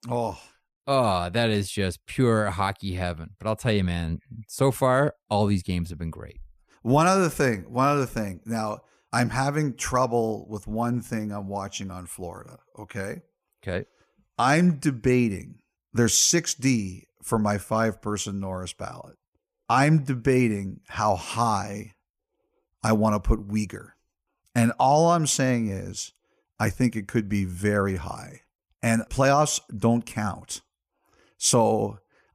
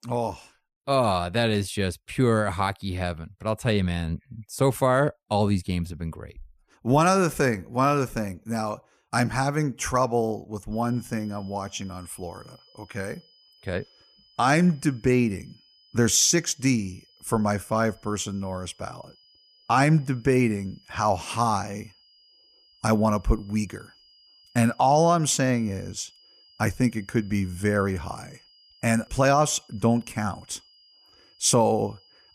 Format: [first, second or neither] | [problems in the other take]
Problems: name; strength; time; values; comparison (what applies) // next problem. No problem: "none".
first | high-pitched whine; faint; from 11 s on; 5 kHz, 30 dB below the speech